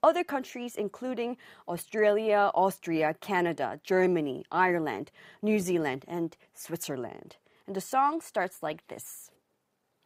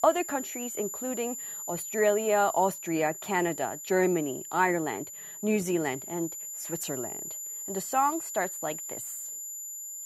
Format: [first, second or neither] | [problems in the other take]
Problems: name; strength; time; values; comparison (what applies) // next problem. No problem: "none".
first | high-pitched whine; loud; throughout; 7 kHz, 7 dB below the speech